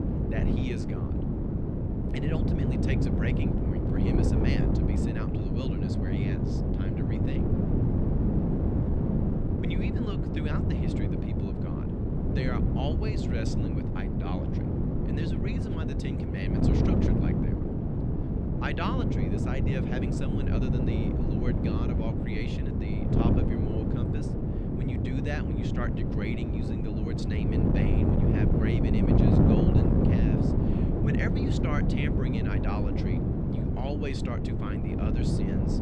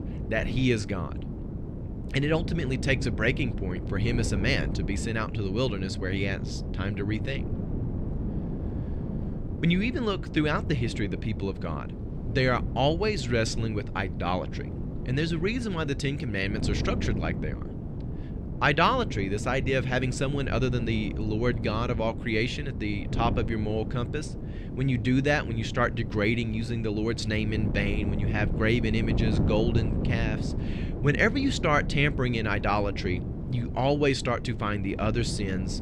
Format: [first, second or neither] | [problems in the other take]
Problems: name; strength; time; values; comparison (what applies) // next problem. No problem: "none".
second | wind noise on the microphone; heavy; 5 dB above the speech; occasional gusts in the second